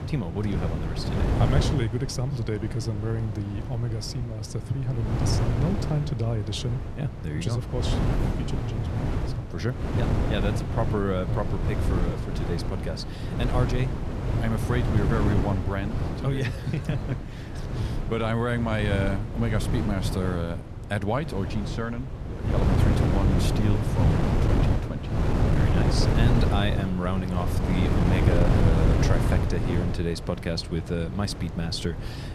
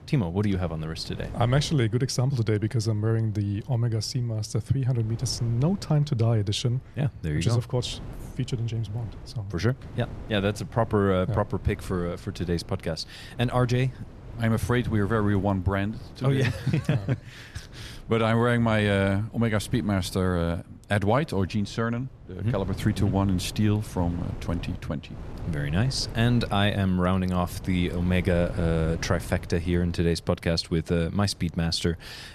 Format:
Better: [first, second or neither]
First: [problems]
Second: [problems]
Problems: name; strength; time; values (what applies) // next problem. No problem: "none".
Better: second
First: wind noise on the microphone; heavy; 1 dB below the speech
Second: wind noise on the microphone; occasional gusts; 20 dB below the speech